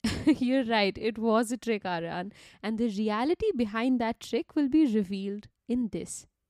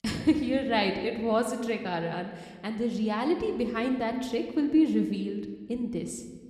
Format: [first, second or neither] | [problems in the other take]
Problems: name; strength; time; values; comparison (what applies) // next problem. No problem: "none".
first | room echo; slight; dies away in 1.3 s